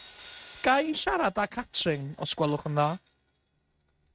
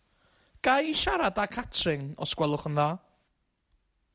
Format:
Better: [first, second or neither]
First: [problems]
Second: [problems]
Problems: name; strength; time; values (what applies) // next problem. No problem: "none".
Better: second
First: noise reduction (neural mask model RNNoise)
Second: none